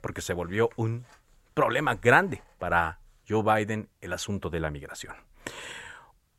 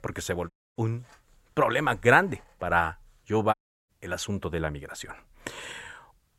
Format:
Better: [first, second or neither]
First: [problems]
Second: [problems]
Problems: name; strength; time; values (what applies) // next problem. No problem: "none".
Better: first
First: none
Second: audio cutting out; at 0.5 s and at 3.5 s